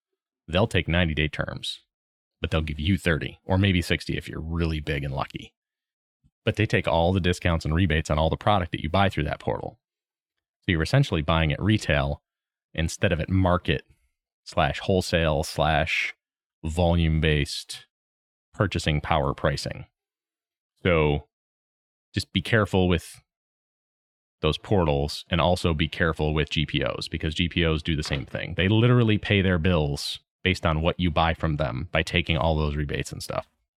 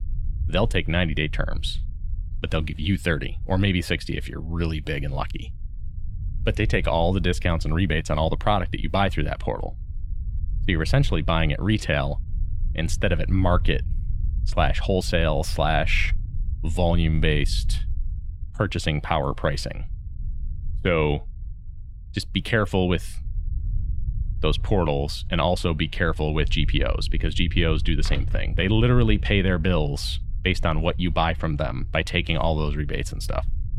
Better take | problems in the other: first | low rumble; faint; throughout; 25 dB below the speech

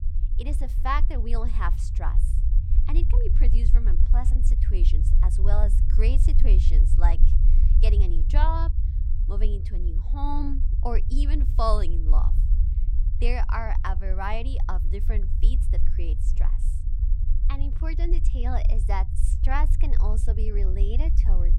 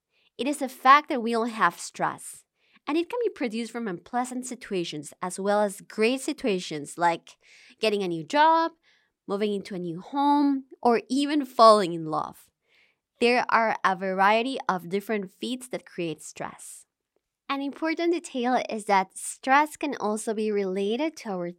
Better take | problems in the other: second | low rumble; noticeable; throughout; 10 dB below the speech

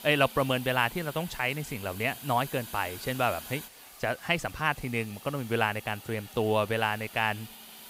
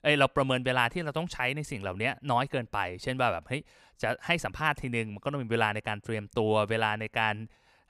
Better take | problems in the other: second | hiss; noticeable; throughout; 15 dB below the speech

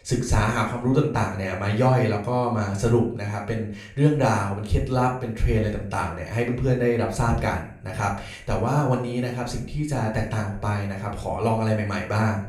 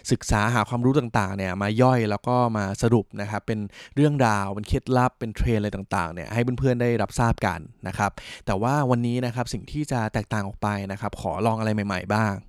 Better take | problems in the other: second | room echo; slight; dies away in 0.4 s // off-mic speech; far

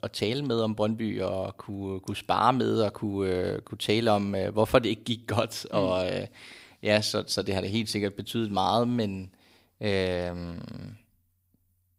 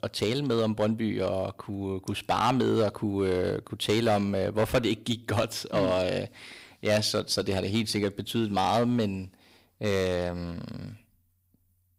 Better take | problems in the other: first | distortion; slight; 3% of the sound clipped

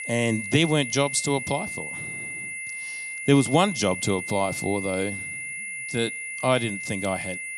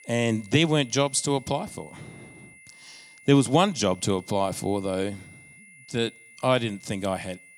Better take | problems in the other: second | high-pitched whine; loud; throughout; 2 kHz, 6 dB below the speech; faint in the second

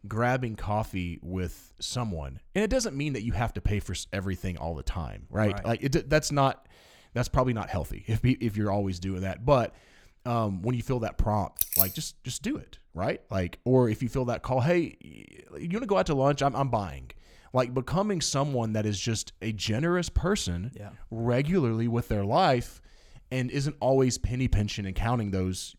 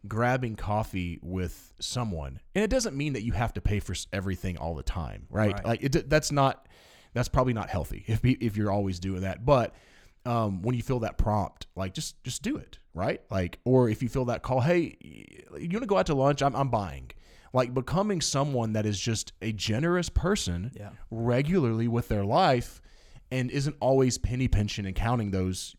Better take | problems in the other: second | jangling keys; loud; at 12 s; peak 5 dB above the speech

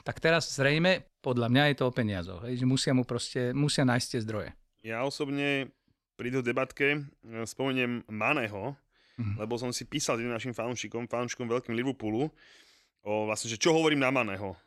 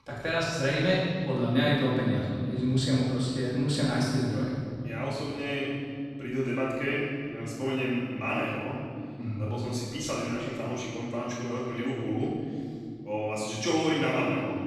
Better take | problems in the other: first | off-mic speech; far // room echo; strong; dies away in 2.9 s

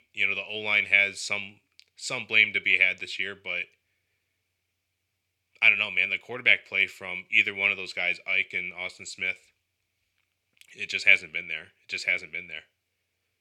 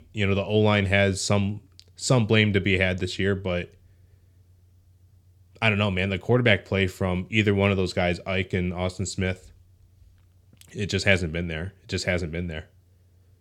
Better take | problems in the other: second | thin; somewhat; fading below 950 Hz

